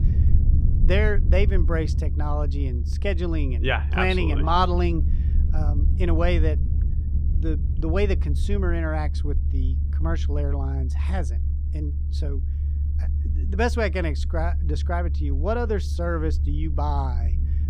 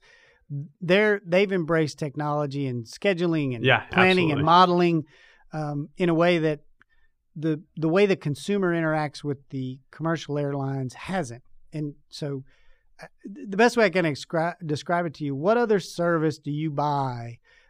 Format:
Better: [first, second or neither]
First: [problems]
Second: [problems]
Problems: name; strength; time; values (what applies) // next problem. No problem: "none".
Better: second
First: low rumble; noticeable; throughout; 15 dB below the speech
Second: none